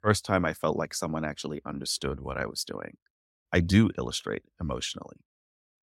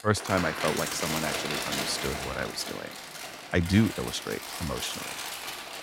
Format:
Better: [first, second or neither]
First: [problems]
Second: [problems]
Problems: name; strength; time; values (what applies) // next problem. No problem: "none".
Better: first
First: none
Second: household noises; loud; throughout; 3 dB below the speech